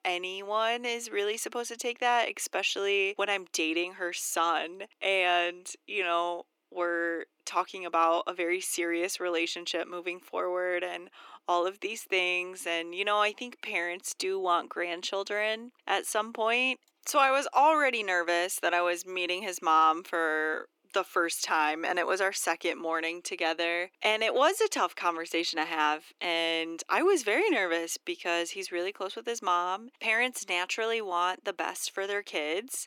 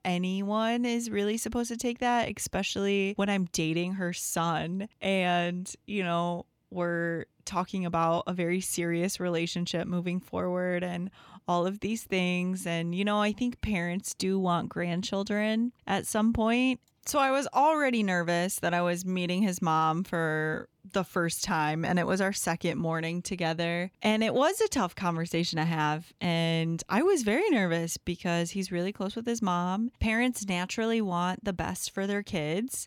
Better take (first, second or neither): second